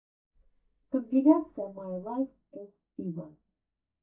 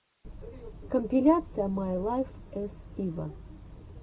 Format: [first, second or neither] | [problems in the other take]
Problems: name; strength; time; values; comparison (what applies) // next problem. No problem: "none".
second | noise reduction (neural mask model DeepFilterNet 3)